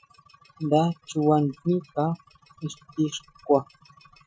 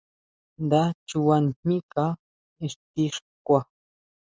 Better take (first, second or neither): second